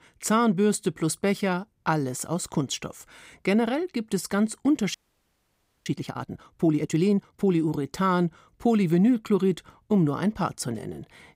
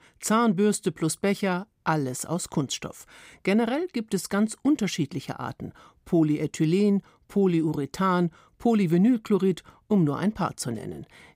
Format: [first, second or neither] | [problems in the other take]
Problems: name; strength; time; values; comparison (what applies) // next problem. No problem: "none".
second | audio freezing; at 5 s for 1 s